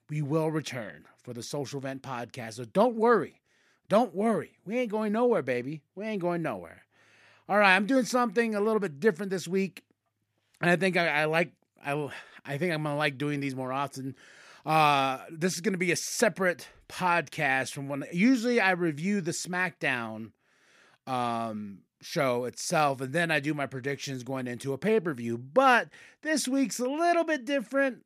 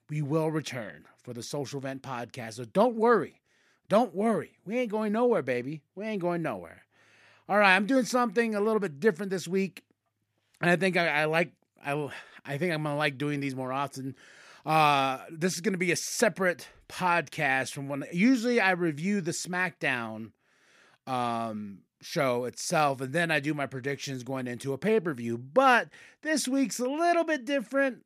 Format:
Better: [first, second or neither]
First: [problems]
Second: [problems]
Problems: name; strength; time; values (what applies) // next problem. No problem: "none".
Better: neither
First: none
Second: none